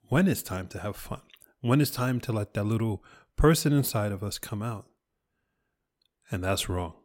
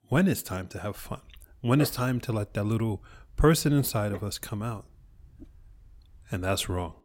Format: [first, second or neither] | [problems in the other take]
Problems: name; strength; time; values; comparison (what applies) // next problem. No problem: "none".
first | dog barking; faint; from 1.5 s on; peak 10 dB below the speech